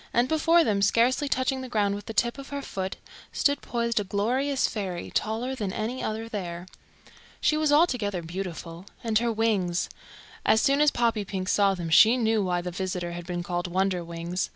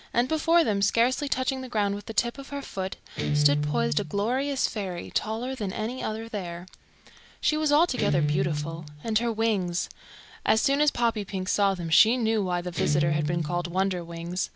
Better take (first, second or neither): first